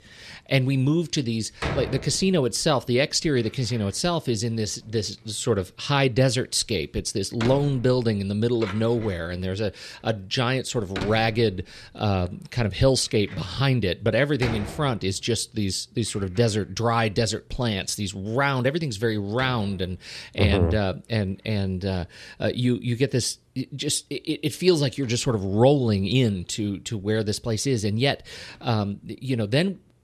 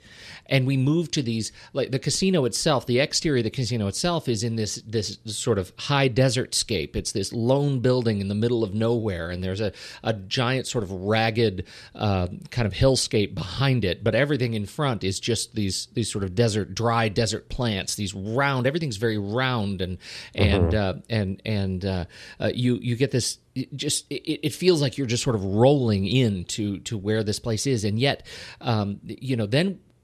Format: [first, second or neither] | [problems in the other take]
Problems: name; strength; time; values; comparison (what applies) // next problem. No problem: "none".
second | household noises; noticeable; throughout; 15 dB below the speech